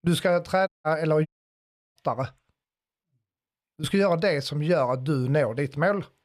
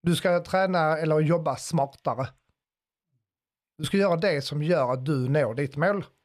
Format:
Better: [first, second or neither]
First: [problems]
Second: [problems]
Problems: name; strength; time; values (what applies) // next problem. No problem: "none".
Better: second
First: audio cutting out; at 0.5 s and at 1.5 s for 0.5 s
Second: none